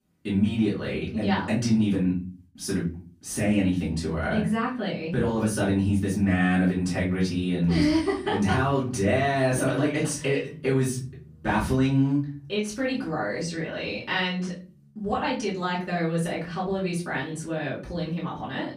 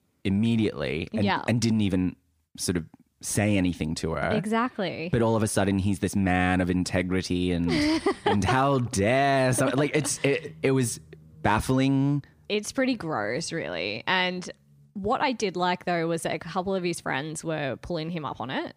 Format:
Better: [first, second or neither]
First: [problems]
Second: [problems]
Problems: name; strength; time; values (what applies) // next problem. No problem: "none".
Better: second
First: off-mic speech; far // room echo; slight; dies away in 0.4 s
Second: none